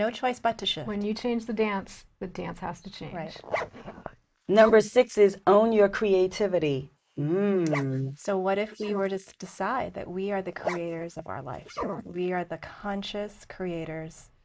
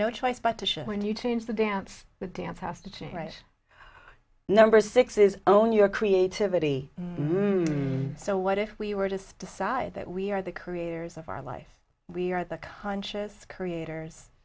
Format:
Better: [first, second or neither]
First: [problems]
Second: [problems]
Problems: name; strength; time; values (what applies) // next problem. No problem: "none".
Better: second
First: noise reduction (neural mask model Resemble Enhance denoiser)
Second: none